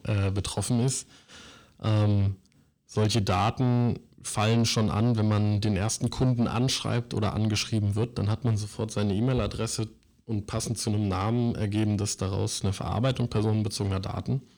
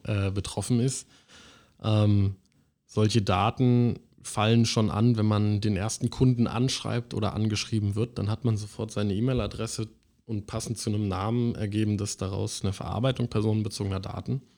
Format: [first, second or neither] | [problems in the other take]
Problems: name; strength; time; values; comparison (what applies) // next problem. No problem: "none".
second | distortion; slight; 10 dB below the speech